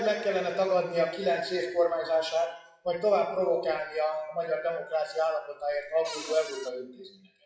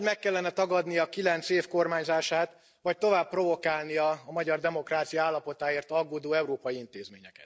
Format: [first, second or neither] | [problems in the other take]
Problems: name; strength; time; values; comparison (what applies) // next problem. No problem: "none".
second | noise reduction (classical method WPE with log-MMSE)